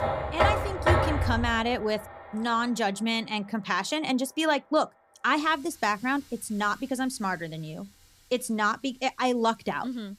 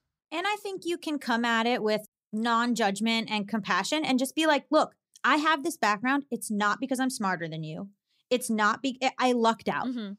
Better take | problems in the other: second | household noises; very loud; throughout; 1 dB above the speech

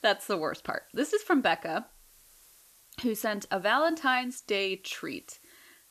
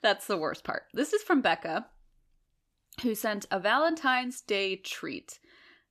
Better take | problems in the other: second | hiss; faint; throughout; 25 dB below the speech

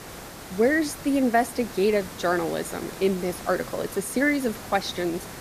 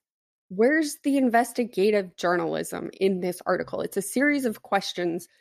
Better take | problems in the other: second | hiss; noticeable; throughout; 15 dB below the speech

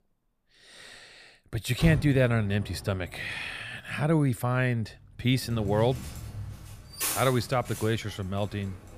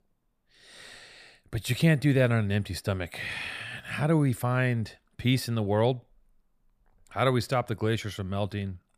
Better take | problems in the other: second | traffic noise; loud; from 2 s on; 9 dB below the speech

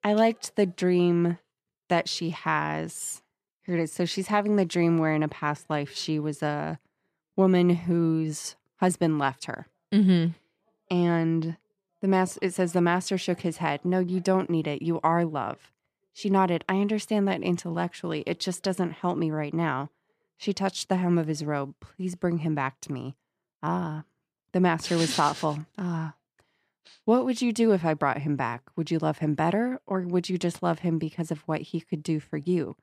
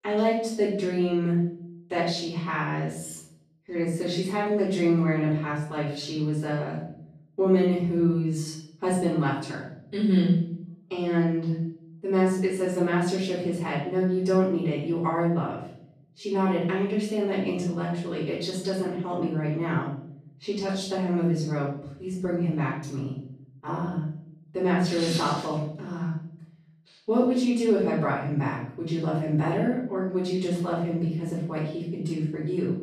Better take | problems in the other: first | off-mic speech; far // room echo; noticeable; dies away in 0.7 s

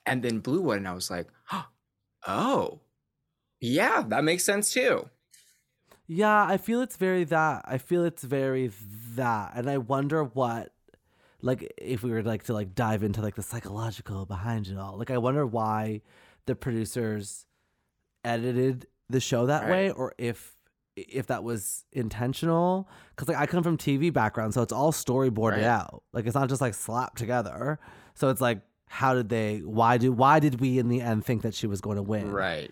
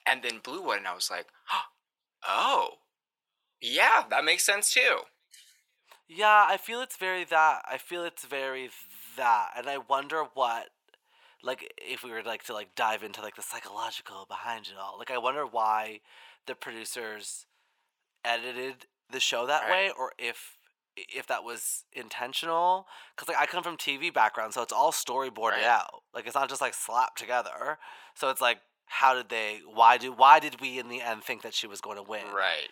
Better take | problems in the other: first | thin; very; fading below 800 Hz

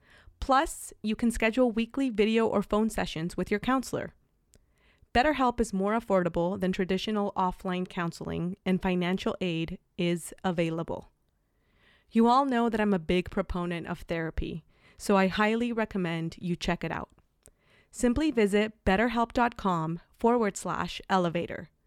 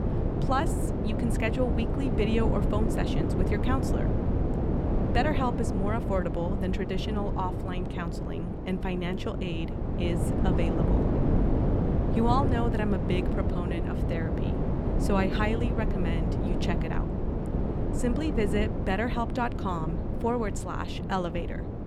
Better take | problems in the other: first | wind noise on the microphone; heavy; 3 dB below the speech

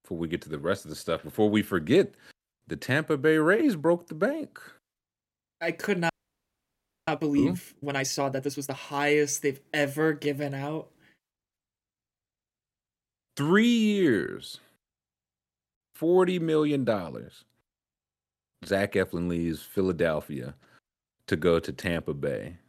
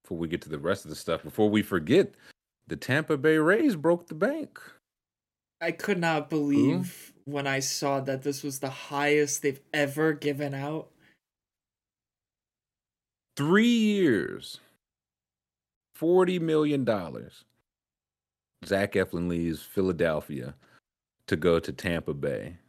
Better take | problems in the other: second | audio freezing; at 6 s for 1 s

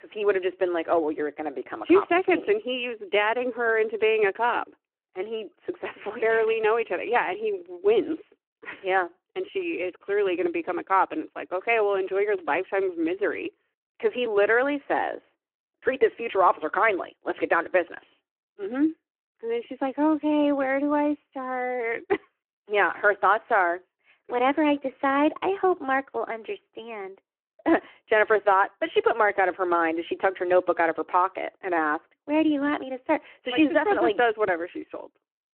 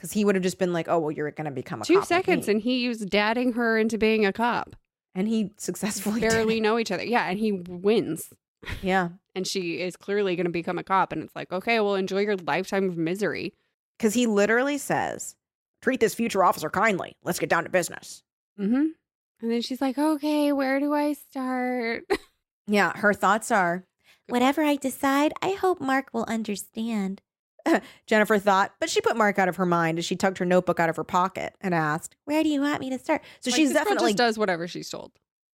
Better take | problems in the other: second | phone-call audio

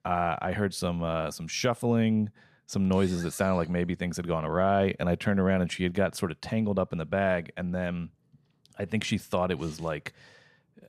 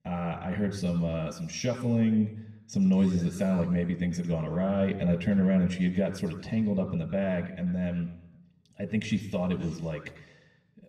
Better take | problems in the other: first | room echo; slight; dies away in 0.9 s // off-mic speech; somewhat distant

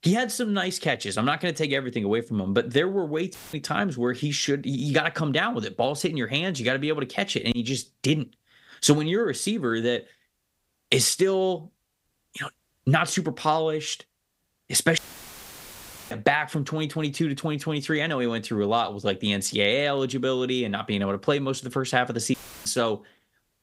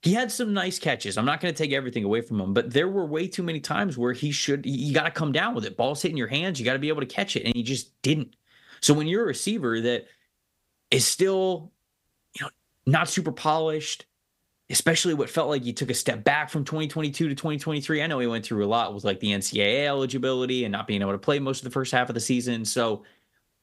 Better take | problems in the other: second | audio cutting out; filled with static; at 3.5 s, at 15 s for 1 s and at 22 s

